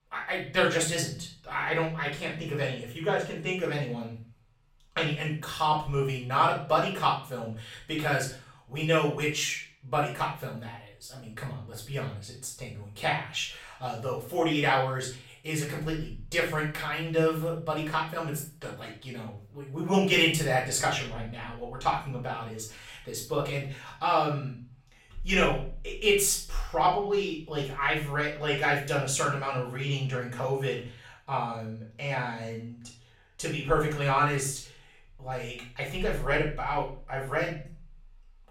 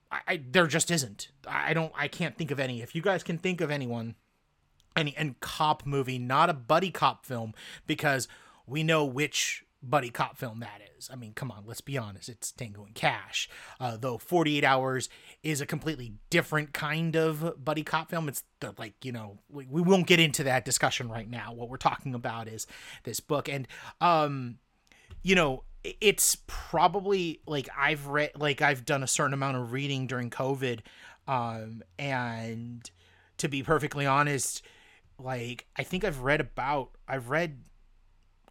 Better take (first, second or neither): second